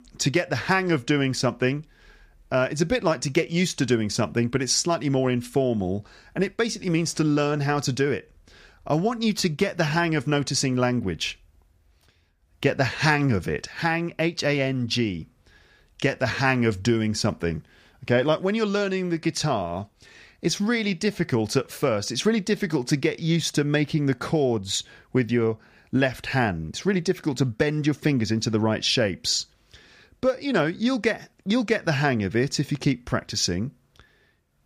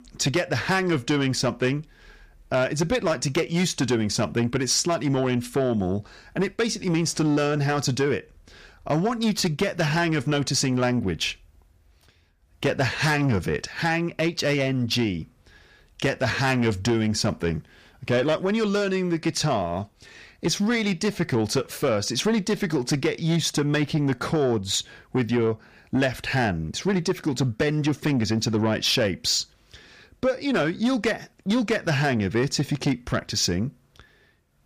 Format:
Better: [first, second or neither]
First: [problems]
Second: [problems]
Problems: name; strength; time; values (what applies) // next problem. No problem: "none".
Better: first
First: none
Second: distortion; slight; 10 dB below the speech